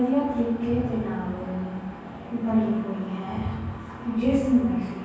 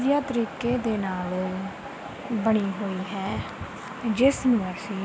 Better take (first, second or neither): second